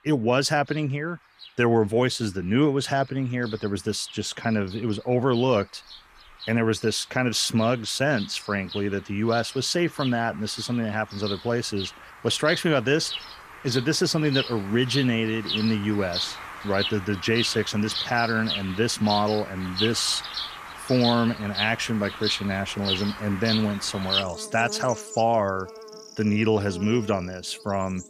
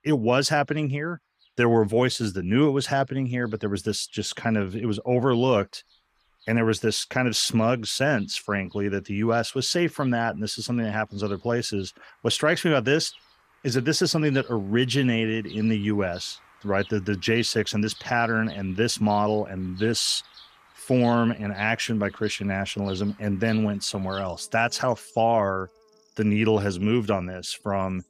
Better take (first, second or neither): second